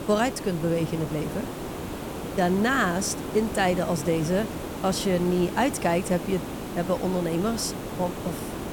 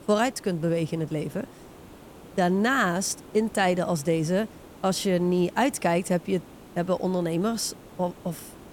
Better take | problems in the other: second | hiss; loud; throughout; 7 dB below the speech; faint in the second

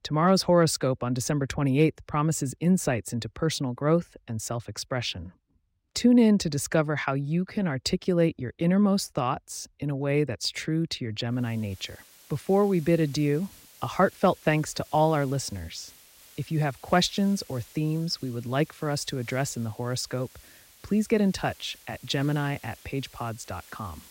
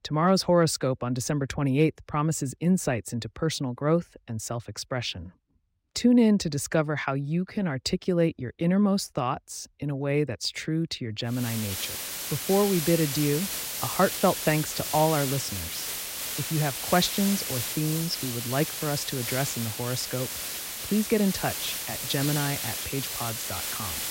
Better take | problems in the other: first | hiss; loud; from 11 s on; 3 dB below the speech; faint in the first

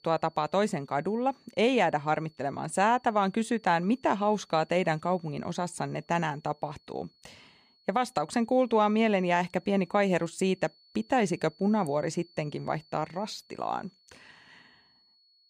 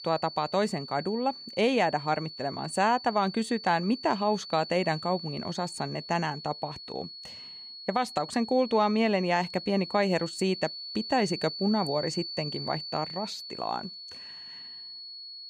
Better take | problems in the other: first | high-pitched whine; loud; throughout; 4.5 kHz, 10 dB below the speech; faint in the first

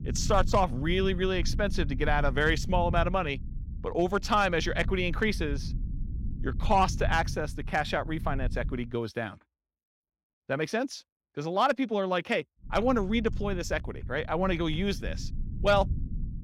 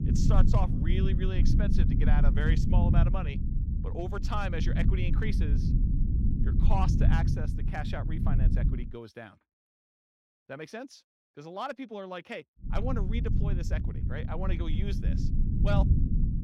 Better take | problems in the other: first | low rumble; loud; until 9 s and from 13 s on; 3 dB below the speech; faint in the first

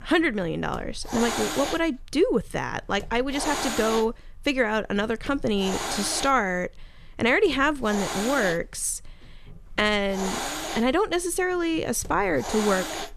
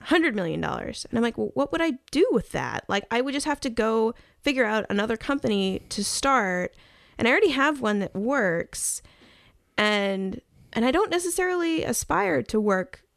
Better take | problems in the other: second | hiss; loud; throughout; 6 dB below the speech

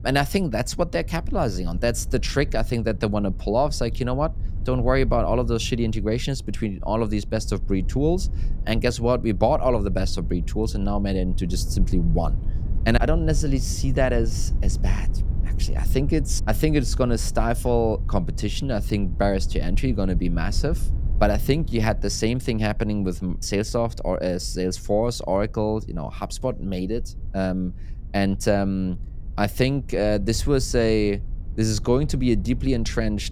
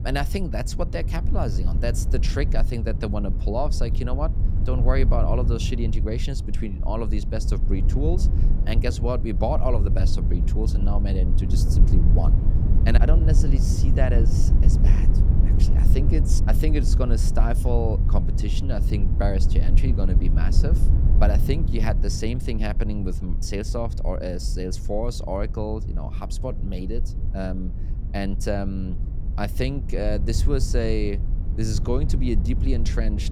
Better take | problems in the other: first | low rumble; loud; throughout; 8 dB below the speech; faint in the first

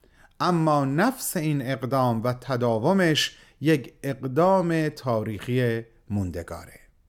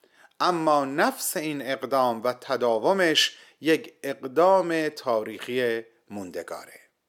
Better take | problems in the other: first | thin; somewhat; fading below 400 Hz

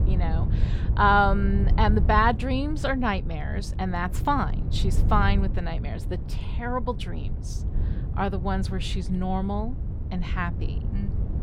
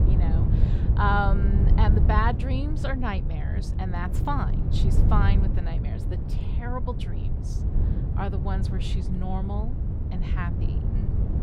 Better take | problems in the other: first | wind noise on the microphone; heavy; 8 dB below the speech; occasional gusts in the first

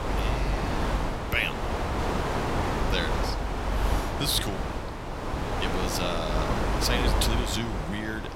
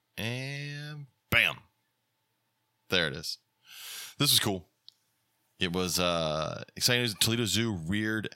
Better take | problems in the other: second | wind noise on the microphone; heavy; as loud as the speech

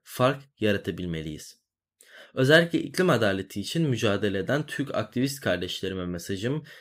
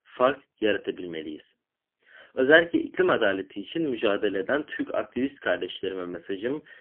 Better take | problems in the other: first | phone-call audio; poor line; nothing above 3 kHz

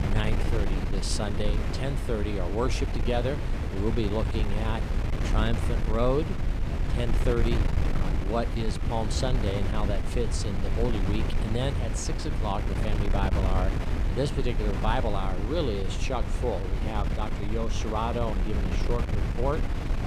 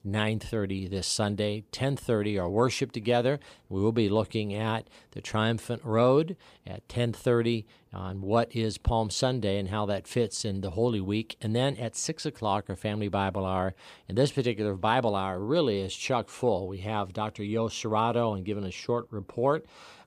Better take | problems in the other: second | wind noise on the microphone; heavy; 5 dB below the speech

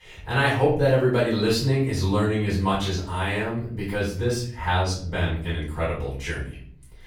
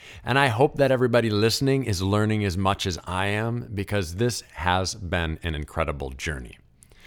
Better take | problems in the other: second | off-mic speech; far // room echo; noticeable; dies away in 0.5 s

